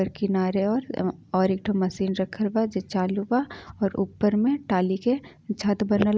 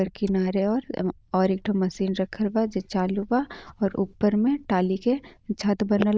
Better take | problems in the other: first | noise reduction (neural diffusion model UNIVERSE++)

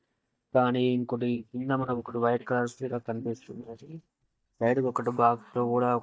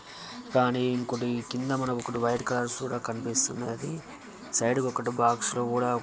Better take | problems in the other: second | noise reduction (neural mask model DeepFilterNet 3)

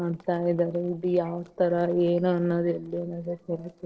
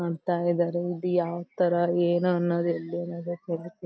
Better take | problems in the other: second | noise reduction (neural separator model SepFormer DNS4)

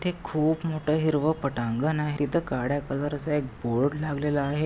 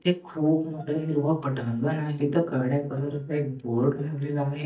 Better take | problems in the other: first | noise reduction (neural mask model DeepFilterNet 3)

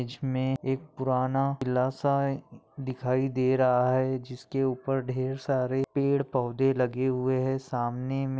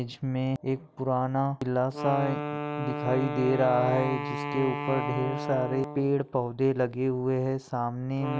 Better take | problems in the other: first | background sound (Wind instrument, woodwind instrument); 7 dB below the speech

